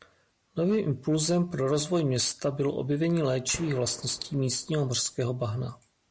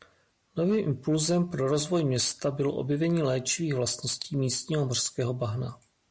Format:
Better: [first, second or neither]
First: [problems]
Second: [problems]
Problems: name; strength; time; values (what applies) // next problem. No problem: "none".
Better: second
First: background sound (Gunshot, gunfire); 19 dB below the speech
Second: none